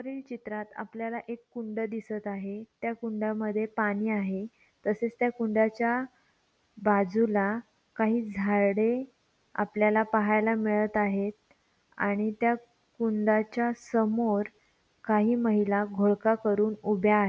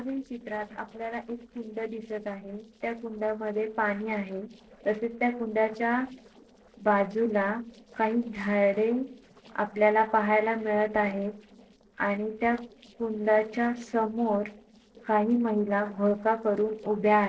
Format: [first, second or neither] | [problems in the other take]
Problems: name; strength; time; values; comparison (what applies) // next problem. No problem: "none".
first | noise reduction (neural separator model SepFormer DNS4)